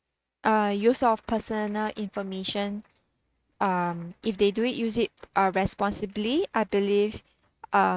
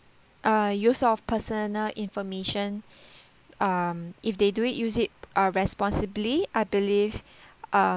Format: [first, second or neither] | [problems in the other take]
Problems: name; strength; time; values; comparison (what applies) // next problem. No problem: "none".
second | noise reduction (neural mask model RNNoise)